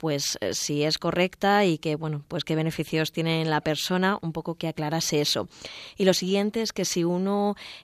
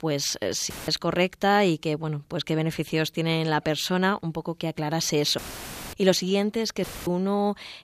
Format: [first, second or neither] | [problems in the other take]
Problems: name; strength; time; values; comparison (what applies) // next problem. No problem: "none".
first | audio cutting out; filled with static; at 0.5 s, at 5.5 s for 0.5 s and at 7 s